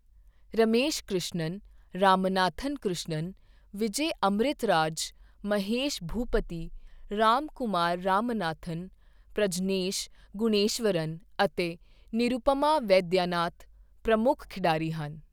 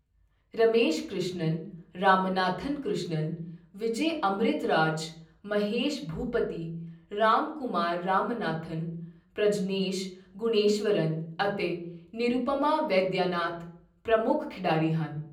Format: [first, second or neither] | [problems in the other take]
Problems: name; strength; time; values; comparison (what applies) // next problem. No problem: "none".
first | room echo; dies away in 0.6 s